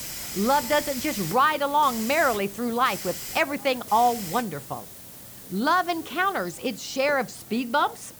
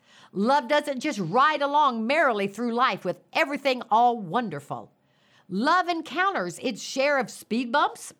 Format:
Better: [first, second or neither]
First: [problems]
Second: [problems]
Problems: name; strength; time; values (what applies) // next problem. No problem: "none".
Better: second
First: hiss; noticeable; throughout; 10 dB below the speech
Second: none